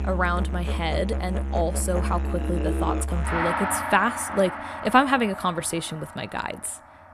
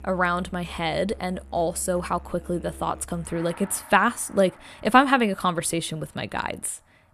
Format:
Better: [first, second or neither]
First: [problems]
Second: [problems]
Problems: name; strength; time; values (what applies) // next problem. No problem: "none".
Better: second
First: background music; loud; throughout; 3 dB below the speech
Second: background music; faint; throughout; 20 dB below the speech